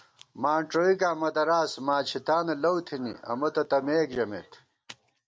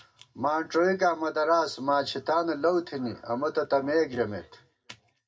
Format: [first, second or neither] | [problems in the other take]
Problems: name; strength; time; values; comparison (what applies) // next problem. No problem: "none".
first | room echo; dies away in 0.2 s